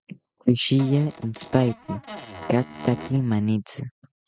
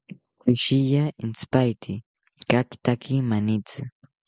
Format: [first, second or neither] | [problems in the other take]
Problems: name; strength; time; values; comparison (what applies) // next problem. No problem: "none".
second | noise reduction (neural mask model RNNoise)